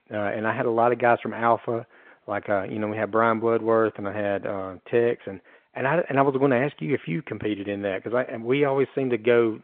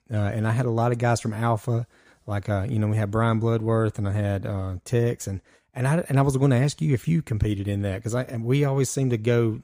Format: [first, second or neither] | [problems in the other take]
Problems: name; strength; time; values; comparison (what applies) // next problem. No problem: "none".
second | phone-call audio